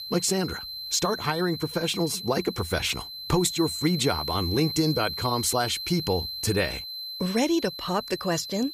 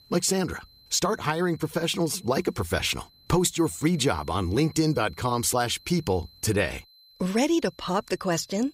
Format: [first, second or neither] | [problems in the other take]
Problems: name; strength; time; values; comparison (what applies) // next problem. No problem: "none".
second | high-pitched whine; loud; throughout; 4 kHz, 6 dB below the speech; faint in the second